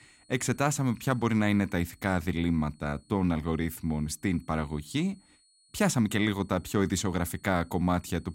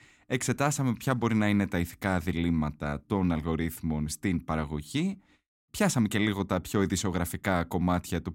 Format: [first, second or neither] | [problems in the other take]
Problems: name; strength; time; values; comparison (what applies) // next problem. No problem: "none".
second | high-pitched whine; faint; throughout; 4.5 kHz, 30 dB below the speech